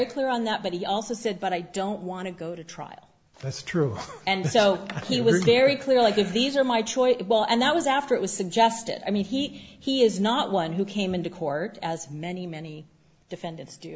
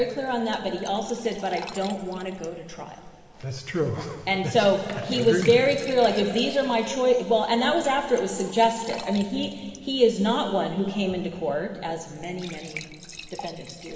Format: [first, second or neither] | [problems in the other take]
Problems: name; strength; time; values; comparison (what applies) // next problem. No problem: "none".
first | background sound (Fill (with liquid) / Trickle, dribble / Glass); 19 dB below the speech // room echo; dies away in 2.2 s